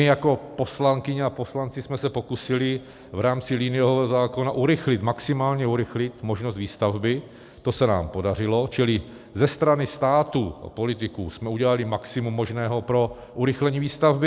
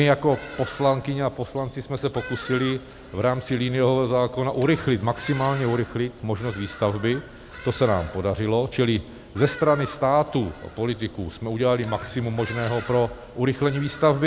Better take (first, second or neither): first